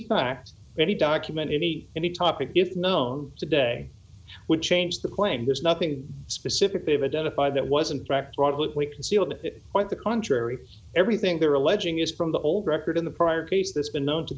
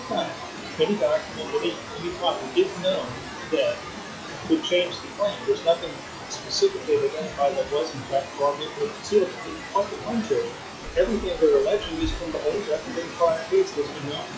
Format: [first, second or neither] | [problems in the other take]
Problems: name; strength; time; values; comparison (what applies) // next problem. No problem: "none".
first | noise reduction (classical method log-MMSE)